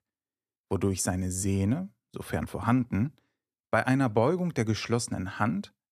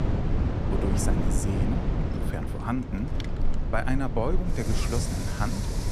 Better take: first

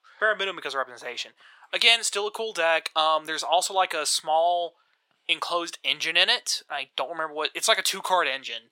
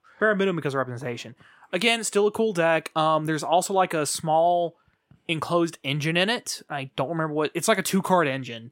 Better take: second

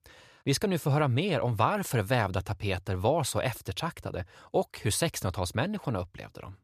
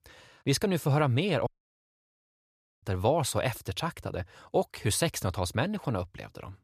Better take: first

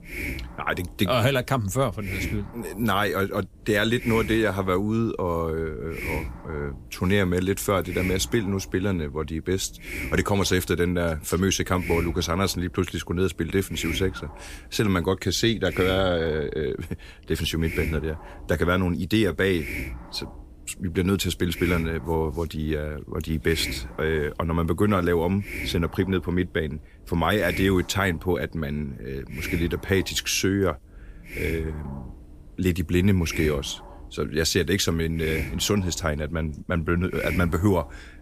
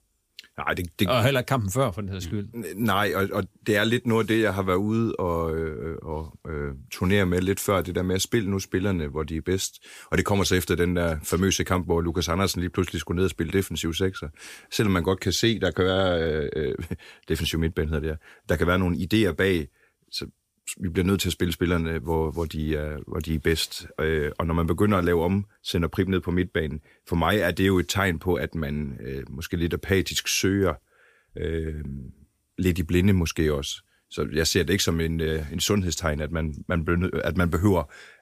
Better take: second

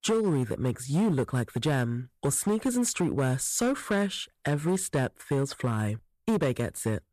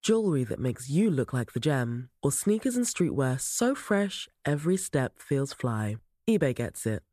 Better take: second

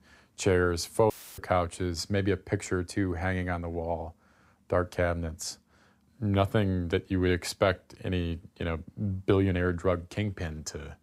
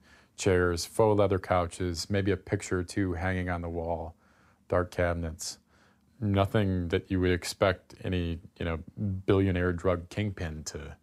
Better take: second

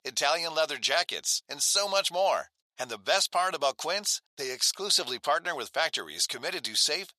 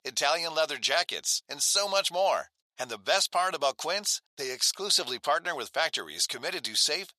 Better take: neither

